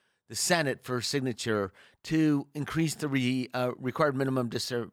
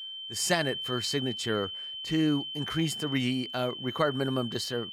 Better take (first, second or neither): first